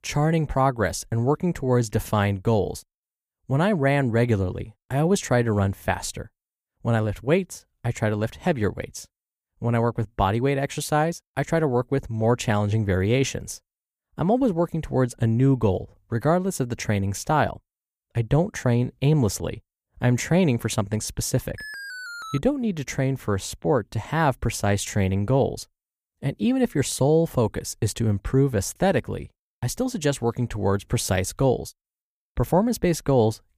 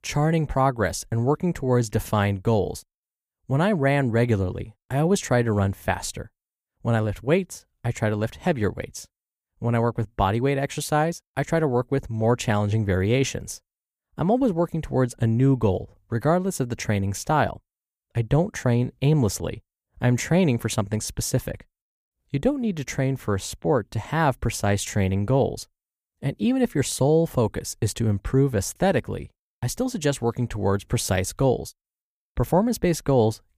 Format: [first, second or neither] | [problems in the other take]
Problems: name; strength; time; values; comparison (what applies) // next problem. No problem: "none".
second | alarm; faint; at 22 s; peak 10 dB below the speech